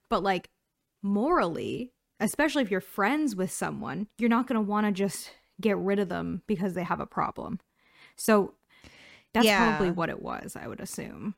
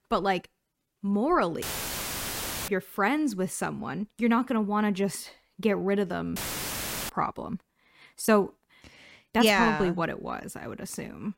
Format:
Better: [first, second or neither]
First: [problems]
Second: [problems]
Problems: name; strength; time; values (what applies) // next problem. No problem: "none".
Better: first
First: none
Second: audio cutting out; filled with static; at 1.5 s for 1 s and at 6.5 s for 0.5 s